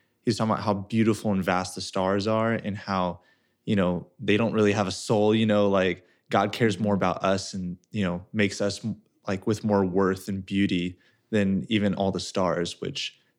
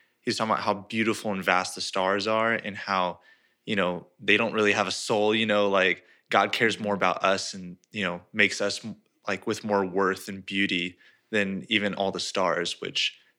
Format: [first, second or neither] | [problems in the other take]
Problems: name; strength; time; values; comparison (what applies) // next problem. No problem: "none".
first | thin; somewhat; fading below 450 Hz